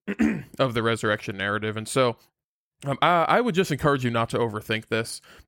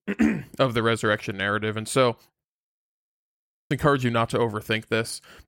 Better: first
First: none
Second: audio freezing; at 2.5 s for 1 s

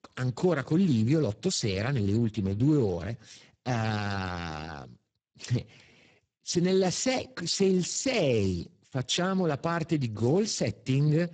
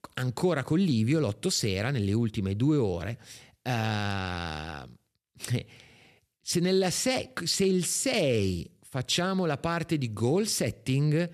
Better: second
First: garbled, watery; badly; nothing above 7.5 kHz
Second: none

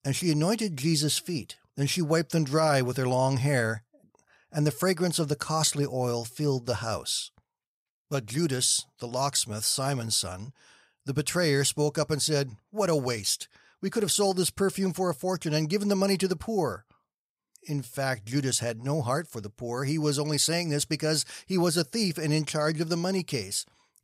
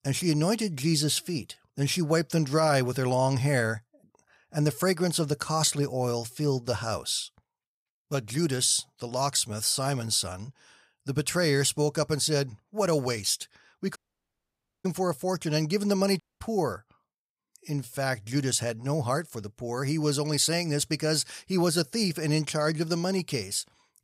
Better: first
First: none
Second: audio cutting out; at 14 s for 1 s and at 16 s

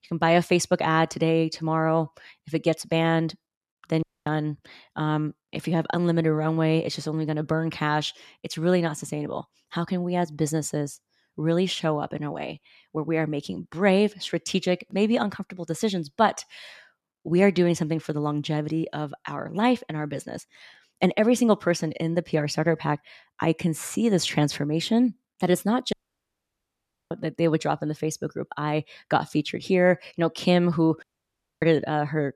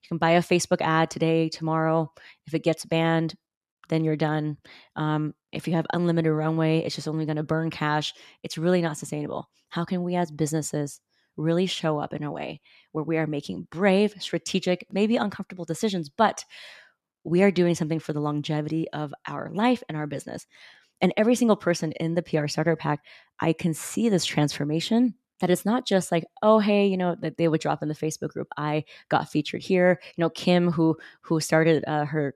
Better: second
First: audio cutting out; at 4 s, at 26 s for 1 s and at 31 s for 0.5 s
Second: none

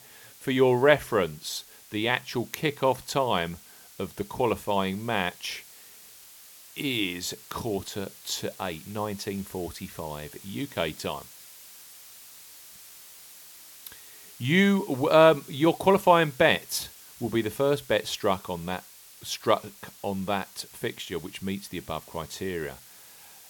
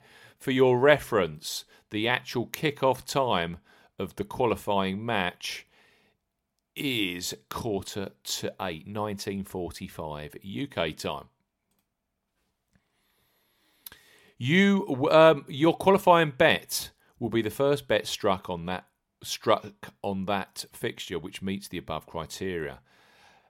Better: second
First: hiss; noticeable; throughout; 20 dB below the speech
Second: none

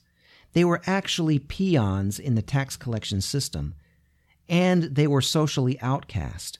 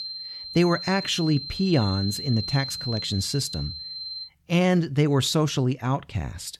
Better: first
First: none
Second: high-pitched whine; loud; until 4.5 s; 4 kHz, 7 dB below the speech

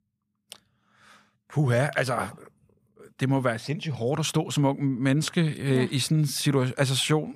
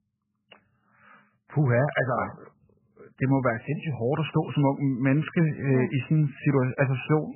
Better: first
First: none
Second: garbled, watery; badly; nothing above 3 kHz

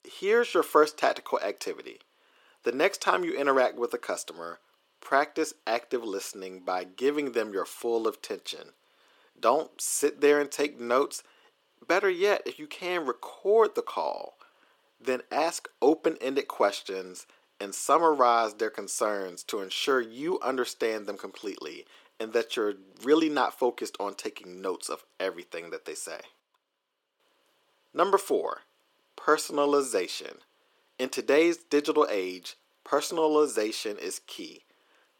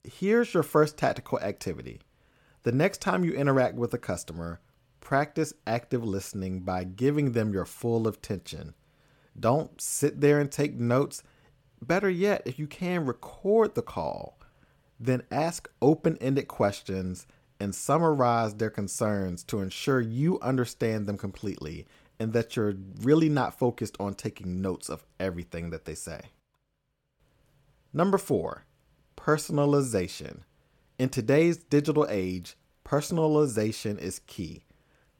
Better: second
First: thin; somewhat; fading below 350 Hz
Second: none

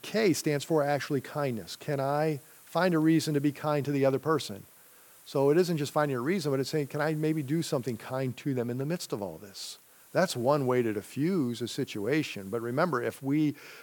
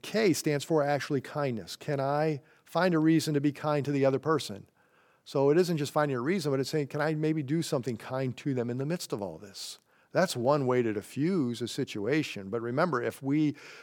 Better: second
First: hiss; faint; throughout; 25 dB below the speech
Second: none

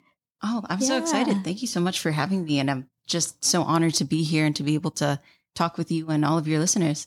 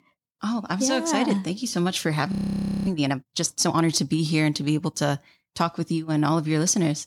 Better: first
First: none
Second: audio freezing; at 2.5 s for 0.5 s

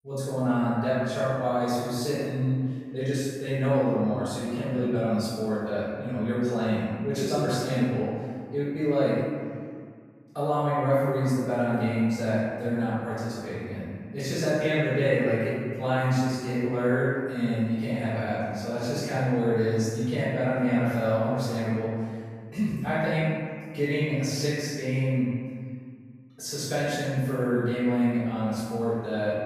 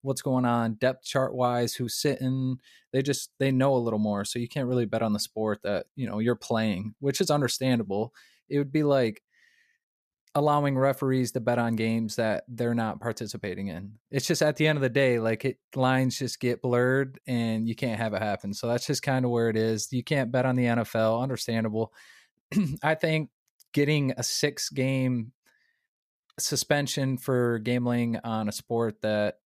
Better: second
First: off-mic speech; far // room echo; strong; dies away in 2 s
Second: none

